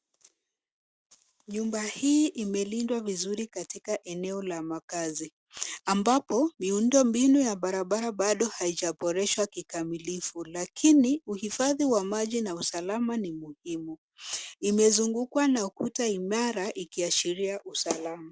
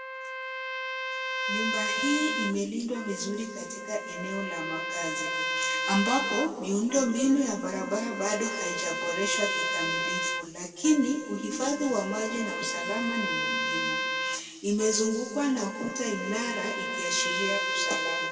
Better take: first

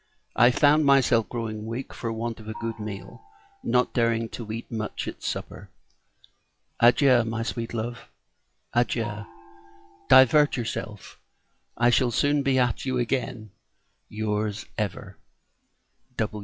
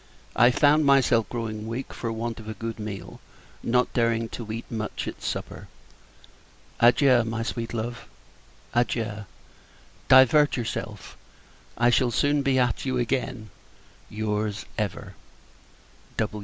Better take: second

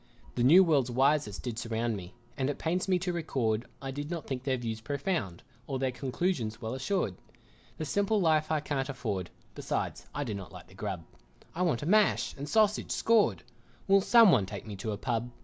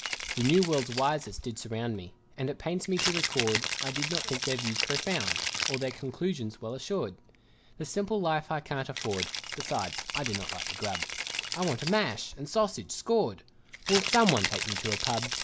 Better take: first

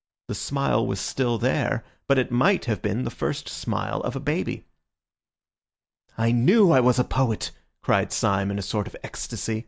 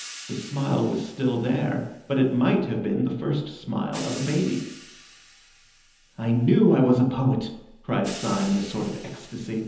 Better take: first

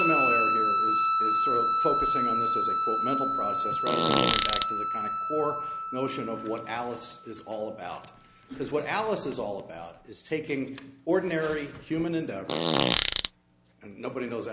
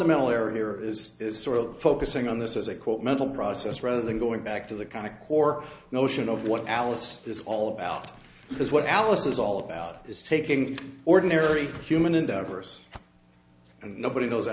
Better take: second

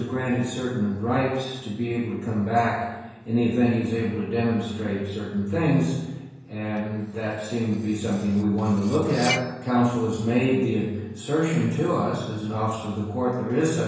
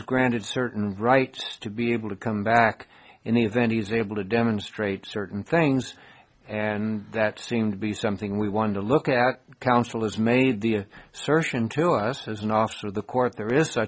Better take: second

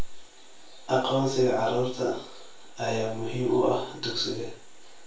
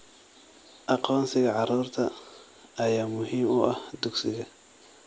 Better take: second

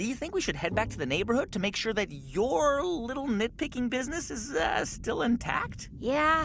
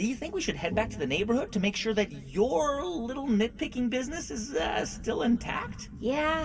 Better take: first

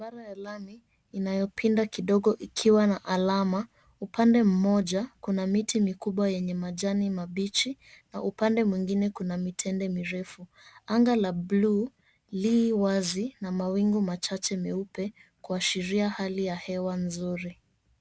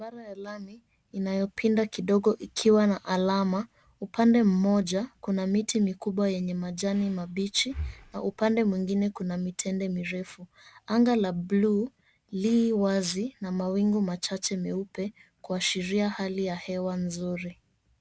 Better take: first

